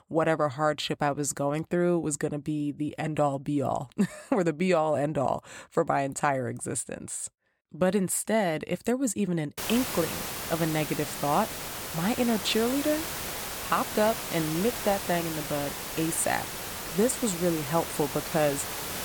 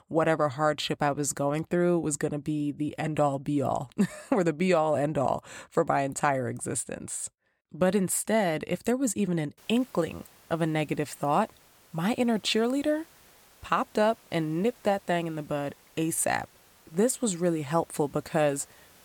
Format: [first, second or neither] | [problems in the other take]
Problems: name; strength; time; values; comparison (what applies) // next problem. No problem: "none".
second | hiss; loud; from 9.5 s on; 5 dB below the speech; faint in the second